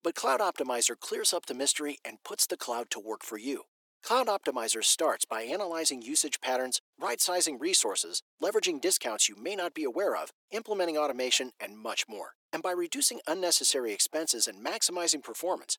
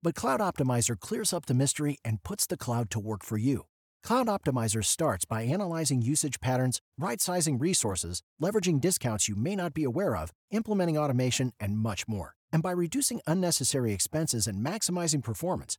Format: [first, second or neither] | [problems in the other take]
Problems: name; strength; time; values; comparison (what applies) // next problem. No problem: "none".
second | thin; very; fading below 350 Hz